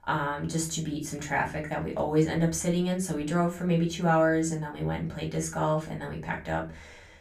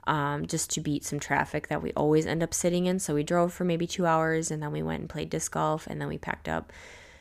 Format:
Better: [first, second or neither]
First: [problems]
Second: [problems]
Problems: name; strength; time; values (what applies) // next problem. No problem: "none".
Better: second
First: off-mic speech; far // room echo; very slight; dies away in 0.3 s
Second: none